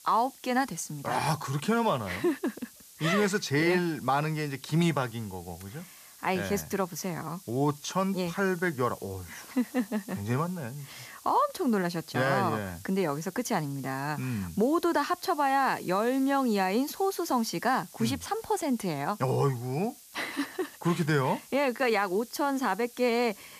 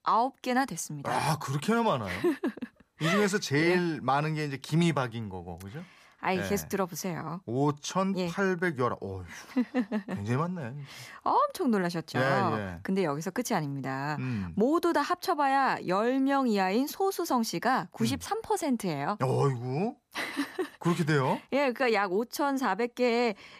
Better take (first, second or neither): second